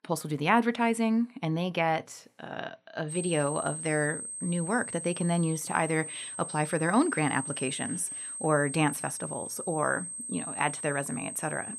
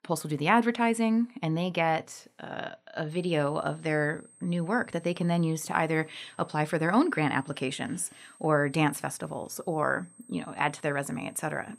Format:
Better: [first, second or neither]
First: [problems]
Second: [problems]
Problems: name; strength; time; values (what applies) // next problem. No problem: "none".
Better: second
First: high-pitched whine; loud; from 3 s on; 8.5 kHz, 6 dB below the speech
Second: high-pitched whine; faint; from 3 s on; 8.5 kHz, 25 dB below the speech